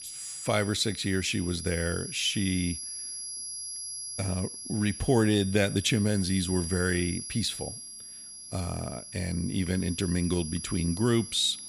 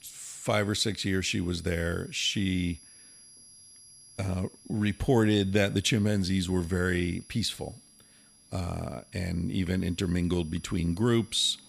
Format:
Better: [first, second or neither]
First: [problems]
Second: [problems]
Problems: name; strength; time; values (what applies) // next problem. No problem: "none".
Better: second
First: high-pitched whine; loud; throughout; 11 kHz, 8 dB below the speech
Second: high-pitched whine; faint; throughout; 11 kHz, 25 dB below the speech